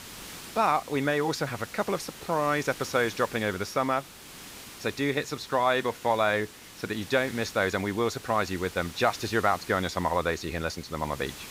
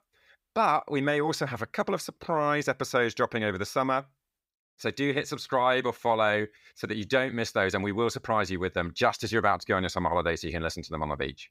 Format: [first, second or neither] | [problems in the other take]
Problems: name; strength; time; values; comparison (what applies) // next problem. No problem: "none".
second | hiss; noticeable; throughout; 15 dB below the speech